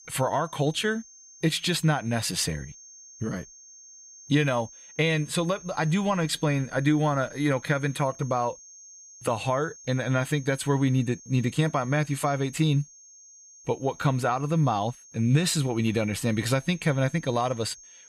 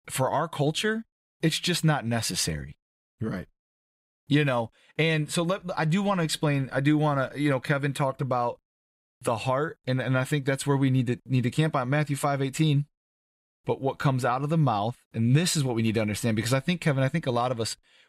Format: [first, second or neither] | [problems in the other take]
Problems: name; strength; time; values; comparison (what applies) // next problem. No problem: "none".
second | high-pitched whine; noticeable; throughout; 6.5 kHz, 20 dB below the speech